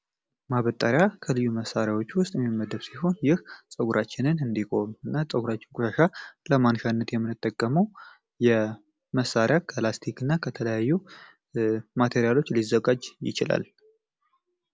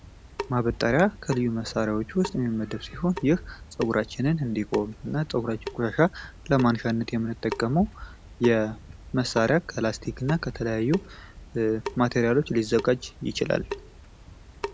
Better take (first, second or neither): first